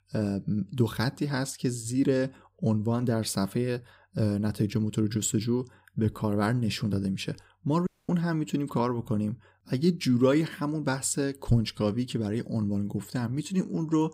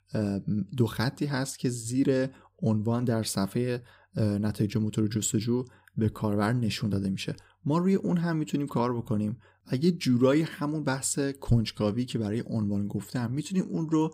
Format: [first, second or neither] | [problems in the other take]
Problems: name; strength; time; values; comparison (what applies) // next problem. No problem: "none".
second | audio cutting out; at 8 s